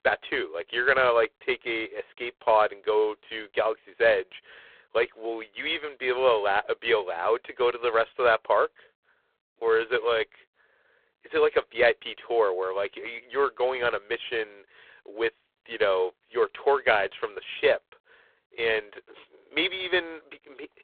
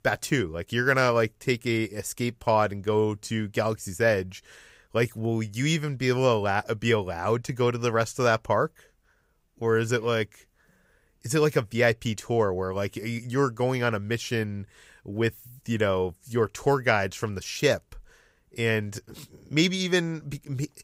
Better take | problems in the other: second | phone-call audio; poor line

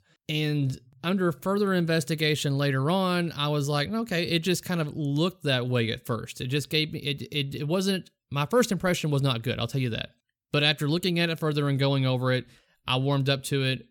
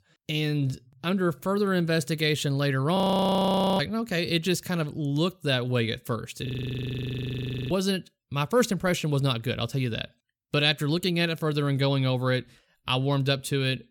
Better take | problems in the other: first | audio freezing; at 3 s for 1 s and at 6.5 s for 1 s

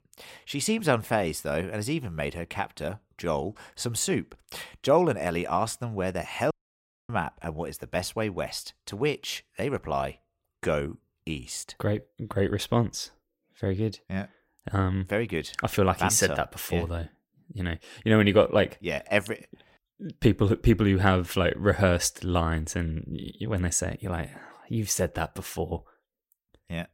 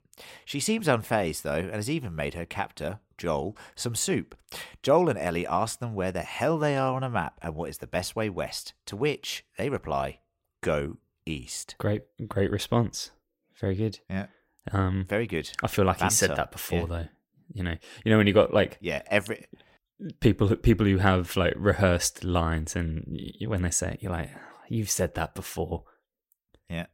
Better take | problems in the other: second | audio cutting out; at 6.5 s for 0.5 s

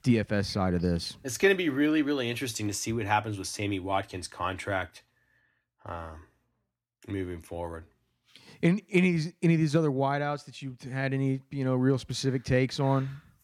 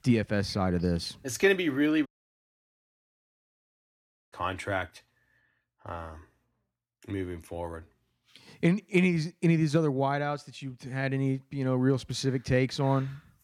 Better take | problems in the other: first | audio cutting out; at 2 s for 2.5 s

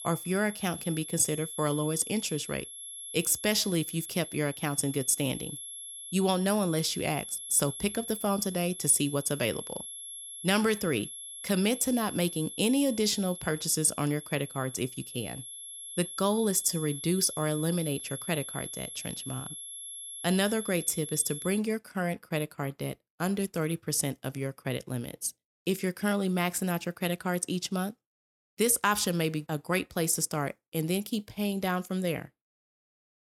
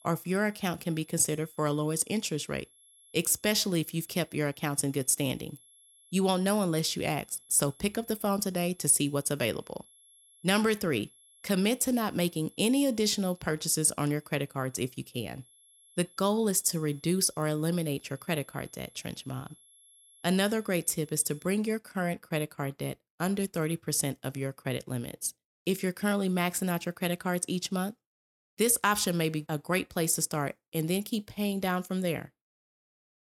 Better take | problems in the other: second | high-pitched whine; loud; until 22 s; 11 kHz, 9 dB below the speech; faint in the second

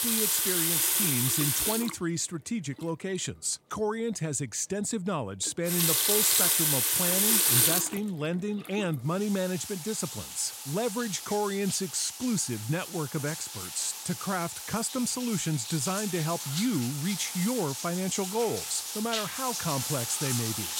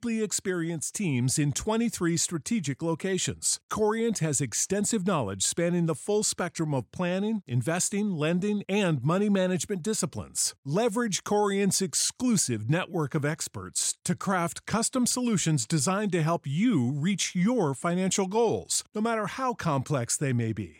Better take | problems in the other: second | household noises; very loud; throughout; 3 dB above the speech

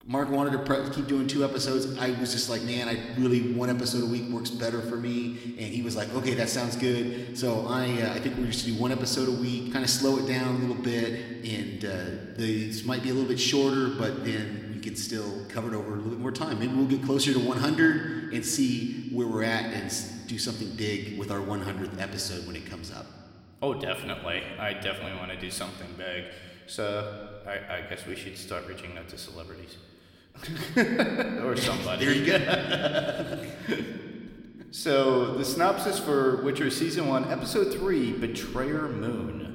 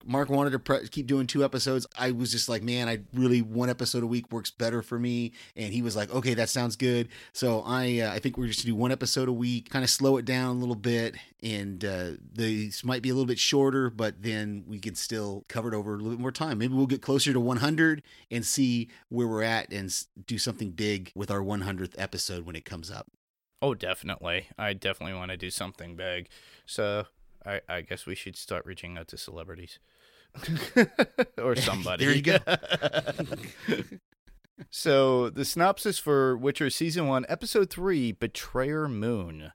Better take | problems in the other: second | room echo; slight; dies away in 1.8 s

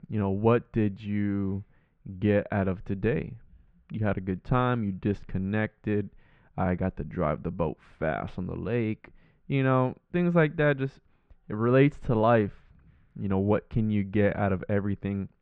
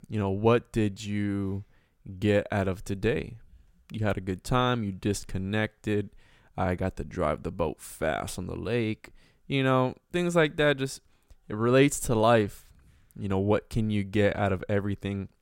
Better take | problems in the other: second | muffled; very; fading above 2.5 kHz

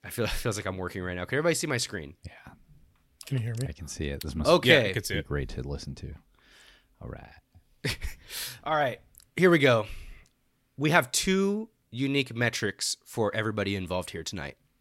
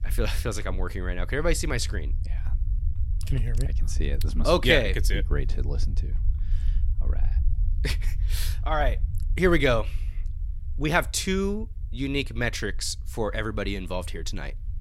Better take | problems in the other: first | low rumble; faint; throughout; 25 dB below the speech

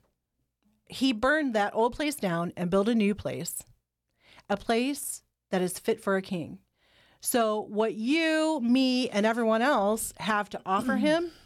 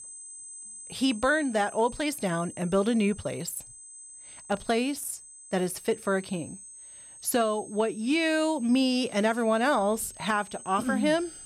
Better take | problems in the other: first | high-pitched whine; noticeable; throughout; 8 kHz, 15 dB below the speech

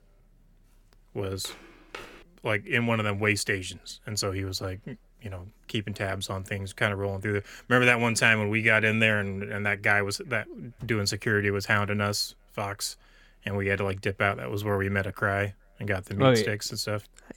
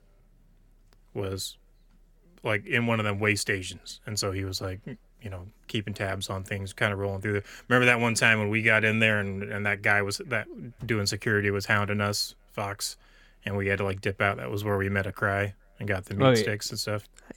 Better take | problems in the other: second | footsteps; faint; at 1.5 s; peak 15 dB below the speech

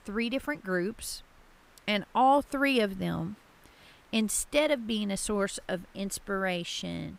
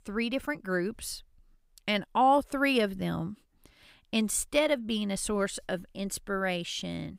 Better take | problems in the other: second | hiss; faint; throughout; 30 dB below the speech

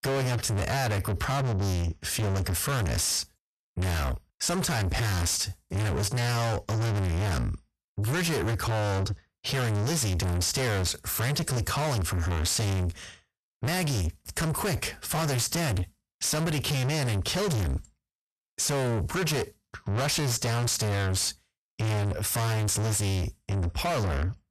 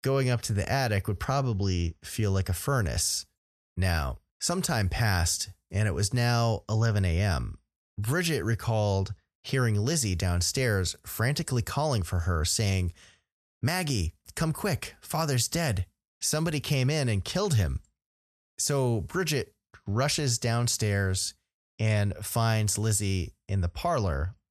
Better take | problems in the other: second | distortion; heavy; 6 dB below the speech

